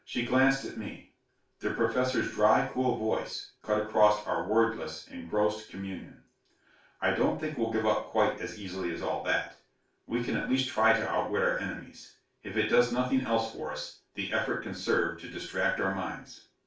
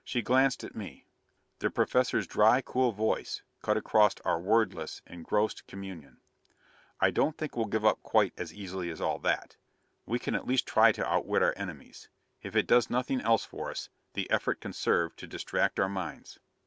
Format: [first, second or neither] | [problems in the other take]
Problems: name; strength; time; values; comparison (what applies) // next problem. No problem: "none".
second | room echo; dies away in 0.3 s